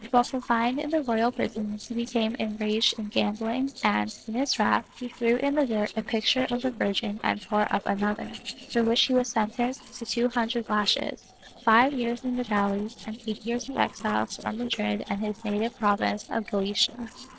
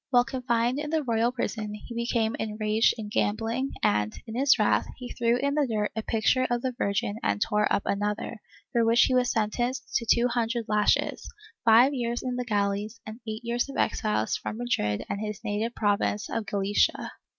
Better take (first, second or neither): second